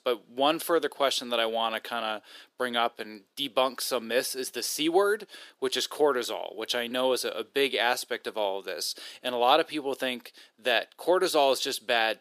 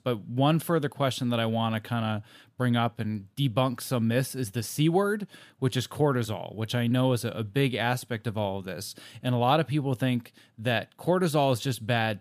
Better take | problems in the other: second | thin; very; fading below 350 Hz

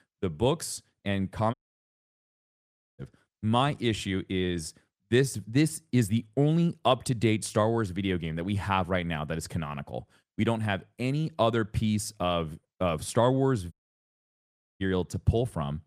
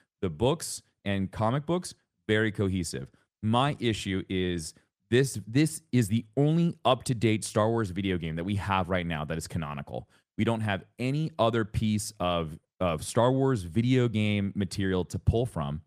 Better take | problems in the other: second | audio cutting out; at 1.5 s for 1.5 s and at 14 s for 1 s

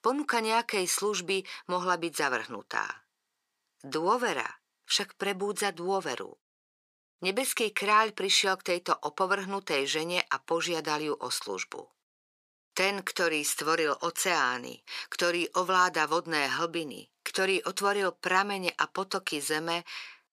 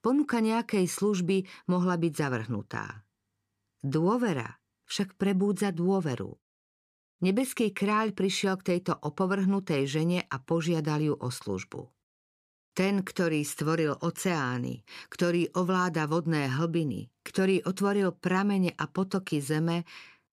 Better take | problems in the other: second | thin; very; fading below 600 Hz

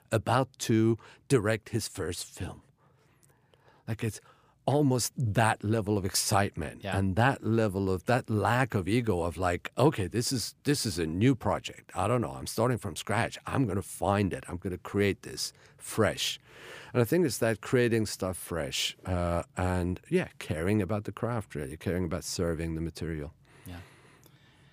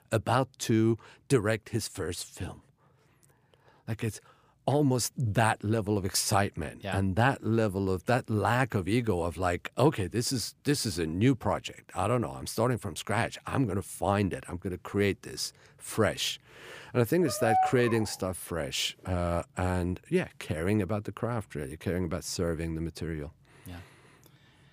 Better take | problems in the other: first | dog barking; loud; at 17 s; peak 2 dB above the speech

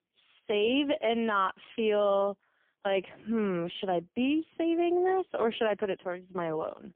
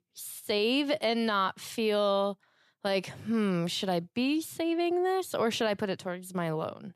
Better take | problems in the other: second | phone-call audio; poor line; nothing above 3.5 kHz

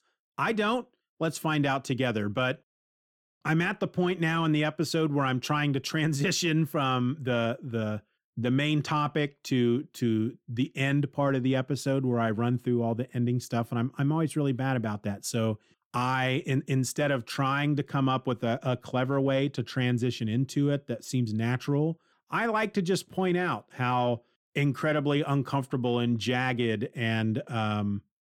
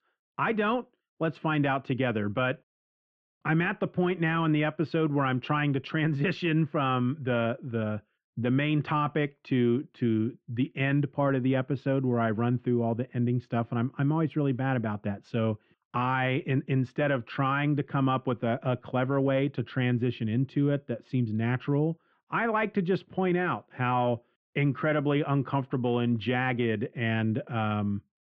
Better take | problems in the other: first | muffled; very; fading above 3 kHz

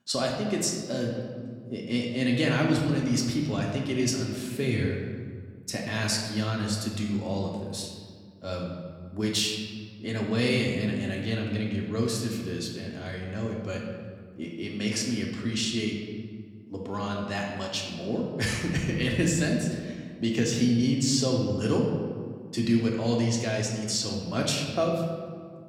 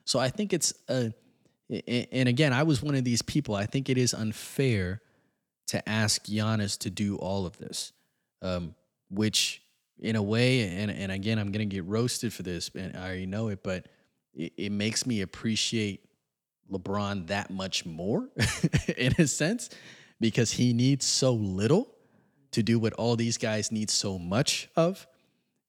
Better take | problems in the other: second | room echo; noticeable; dies away in 1.6 s // off-mic speech; somewhat distant

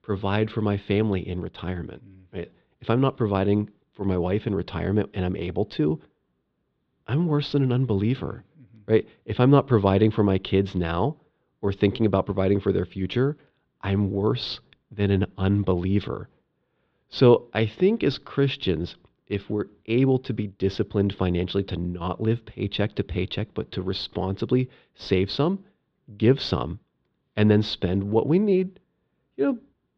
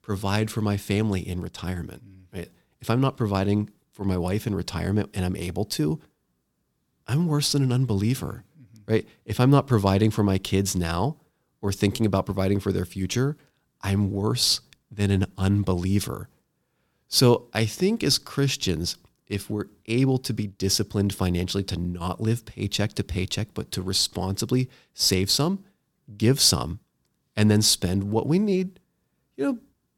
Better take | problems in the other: second | muffled; very; fading above 3.5 kHz

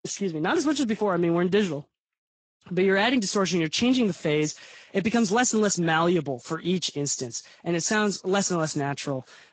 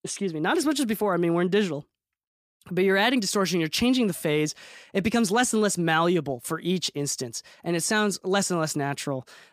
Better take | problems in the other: second | garbled, watery; slightly; nothing above 7.5 kHz

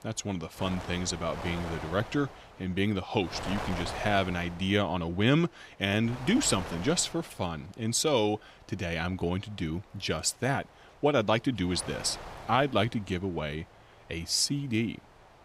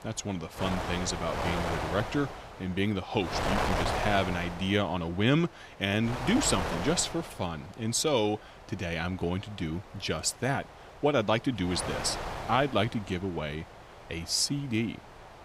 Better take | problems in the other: first | wind noise on the microphone; heavy; 3 dB below the speech; occasional gusts in the first

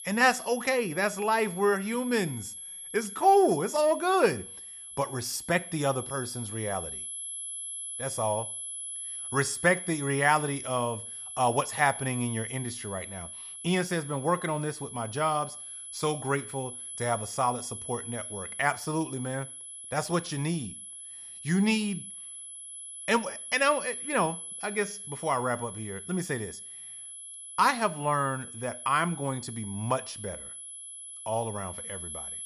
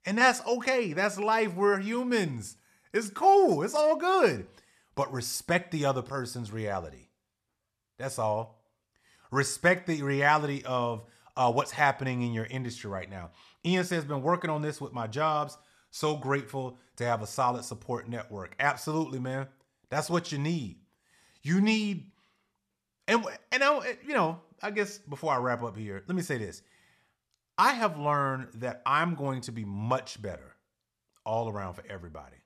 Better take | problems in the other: second | high-pitched whine; loud; throughout; 11 kHz, 9 dB below the speech

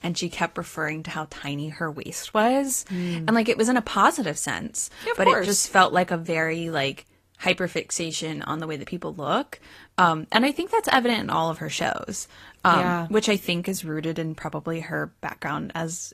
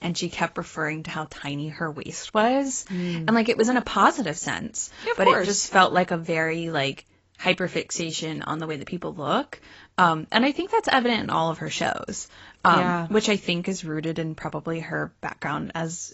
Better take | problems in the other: first | garbled, watery; badly; nothing above 7.5 kHz; slightly in the first

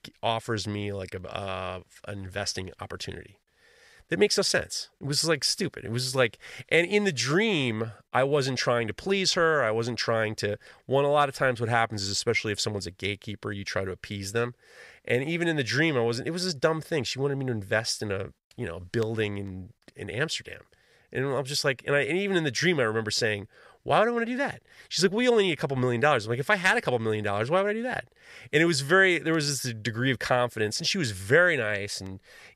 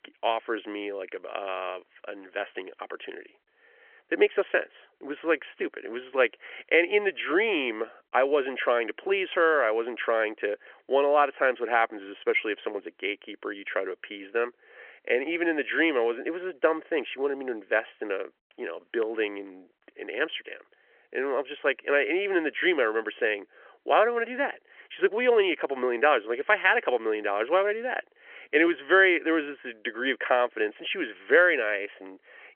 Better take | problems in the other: first | phone-call audio; nothing above 3 kHz

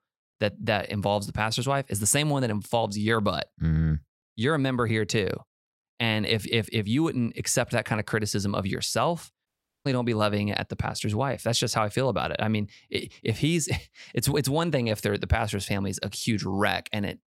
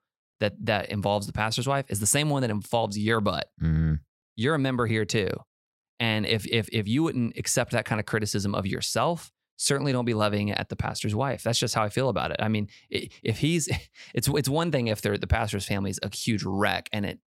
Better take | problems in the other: second | audio cutting out; at 9.5 s

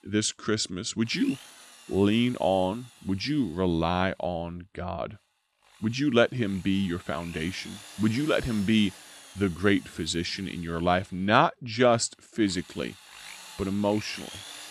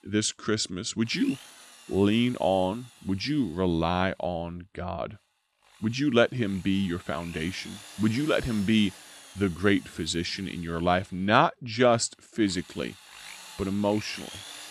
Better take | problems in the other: neither | machinery noise; noticeable; throughout; 20 dB below the speech; the same in both

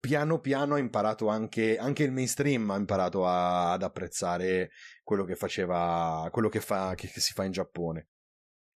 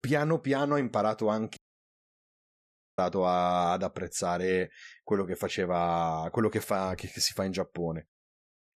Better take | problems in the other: first | audio cutting out; at 1.5 s for 1.5 s

